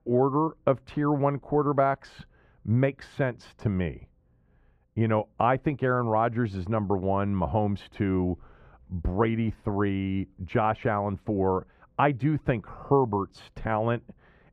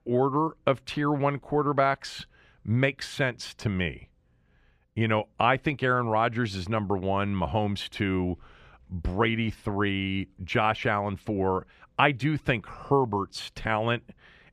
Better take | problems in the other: second | muffled; slightly; fading above 2 kHz

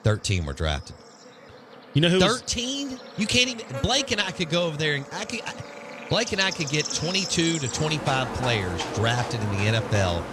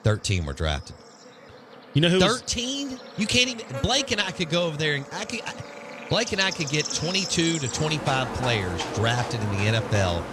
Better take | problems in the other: neither | animal sounds; loud; throughout; 9 dB below the speech; the same in both

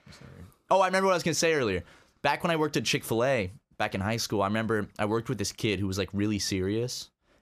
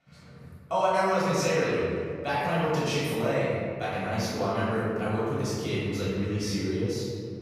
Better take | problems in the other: first | room echo; strong; dies away in 2.5 s // off-mic speech; far

